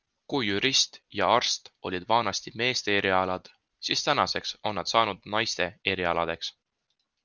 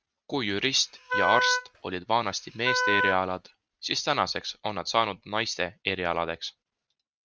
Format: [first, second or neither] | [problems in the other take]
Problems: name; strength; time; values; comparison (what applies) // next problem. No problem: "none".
first | noise reduction (neural mask model RNNoise)